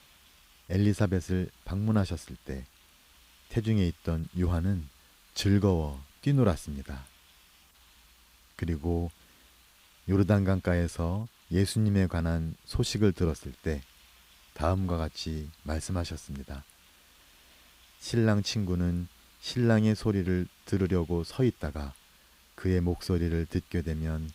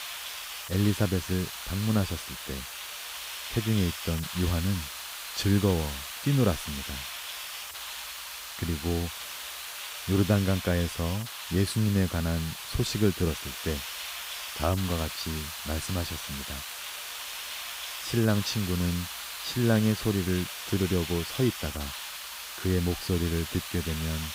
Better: first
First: hiss; faint; throughout; 30 dB below the speech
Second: hiss; loud; throughout; 6 dB below the speech

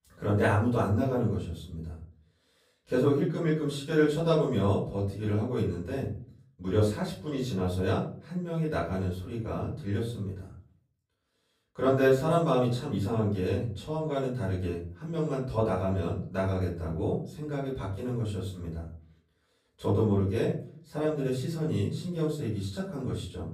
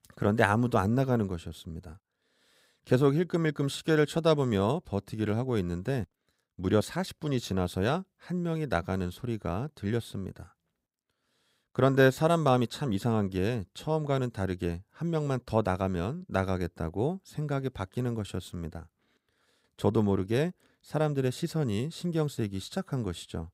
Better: second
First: room echo; slight; dies away in 0.4 s // off-mic speech; far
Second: none

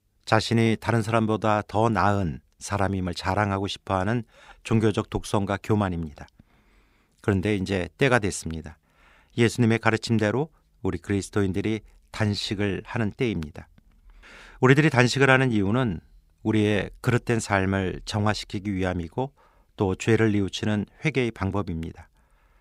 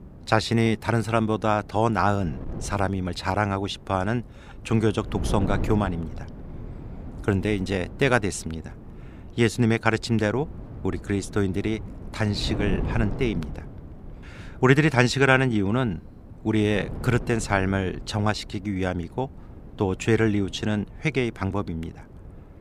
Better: first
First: none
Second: wind noise on the microphone; occasional gusts; 20 dB below the speech

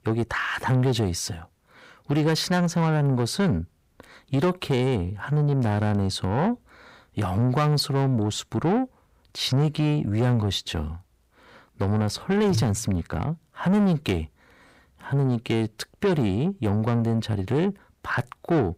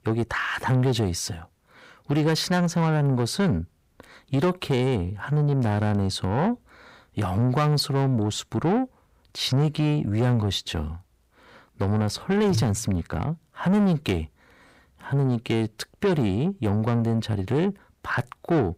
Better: neither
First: distortion; slight; 10 dB below the speech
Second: distortion; slight; 10 dB below the speech

